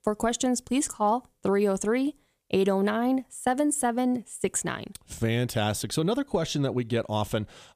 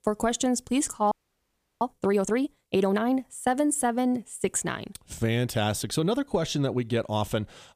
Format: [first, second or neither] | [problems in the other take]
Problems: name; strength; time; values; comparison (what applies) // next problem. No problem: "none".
first | audio freezing; at 1 s for 0.5 s